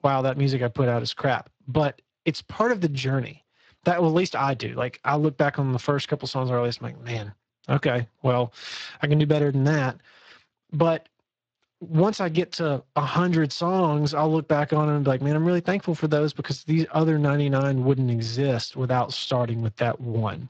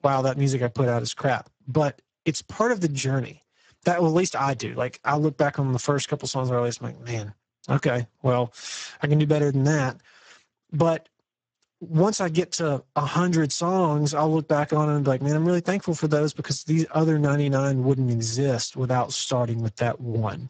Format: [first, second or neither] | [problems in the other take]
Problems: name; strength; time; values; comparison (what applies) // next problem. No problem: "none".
first | garbled, watery; badly; nothing above 8 kHz; slightly in the first